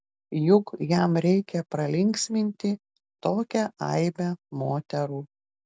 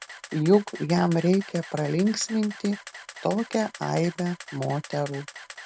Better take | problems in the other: first | background sound (Camera); 17 dB below the speech

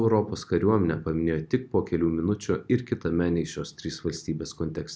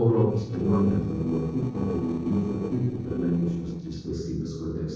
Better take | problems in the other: first | noise reduction (neural separator model SepFormer DNS4)

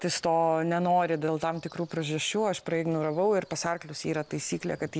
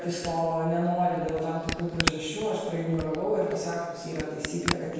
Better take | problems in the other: first | background sound (Camera); 8 dB below the speech // room echo; dies away in 1.2 s

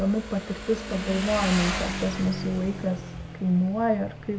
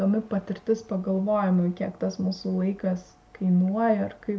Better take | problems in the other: second | background sound (Motorcycle); 7 dB below the speech

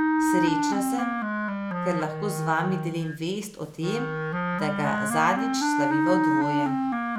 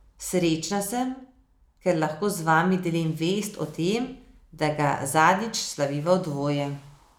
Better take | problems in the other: second | background sound (Wind instrument, woodwind instrument); 3 dB above the speech

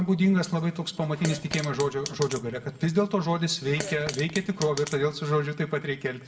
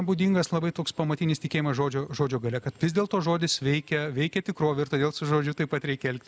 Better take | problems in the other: second | background sound (Fart); 11 dB below the speech // room echo; dies away in 1.1 s

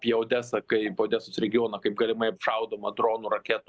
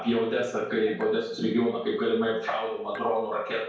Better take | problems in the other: first | background sound (Dishes, pots, and pans / Chink, clink); 19 dB below the speech // room echo; dies away in 0.5 s

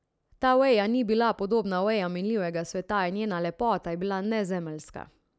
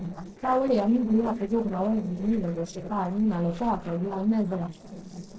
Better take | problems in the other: first | noise reduction (neural separator model SepFormer DNS4)

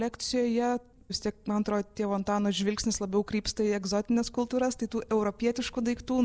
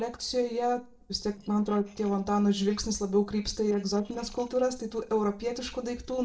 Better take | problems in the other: first | noise reduction (neural separator model SepFormer DNS4)

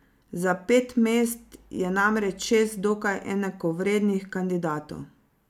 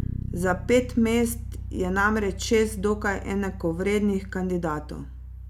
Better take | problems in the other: first | background sound (Bass guitar); 9 dB below the speech

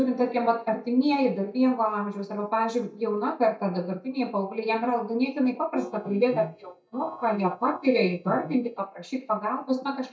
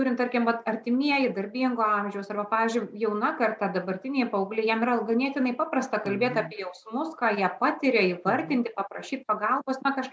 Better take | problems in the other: second | noise reduction (neural mask model DeepFilterNet 3)

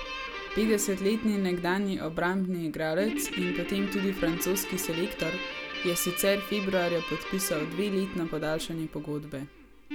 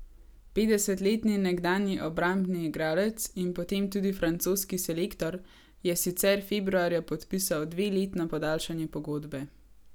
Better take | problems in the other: second | background sound (Guitar); 8 dB below the speech

